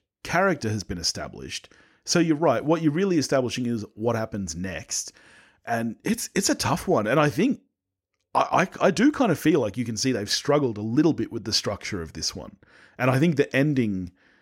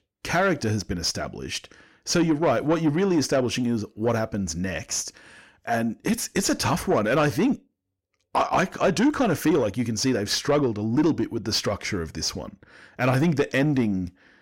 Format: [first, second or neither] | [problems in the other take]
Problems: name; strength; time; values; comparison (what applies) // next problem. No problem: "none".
first | distortion; slight; 10 dB below the speech